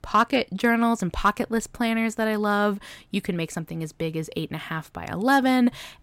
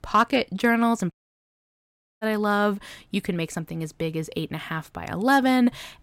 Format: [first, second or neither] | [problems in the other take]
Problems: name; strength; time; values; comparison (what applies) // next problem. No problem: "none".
first | audio cutting out; at 1 s for 1 s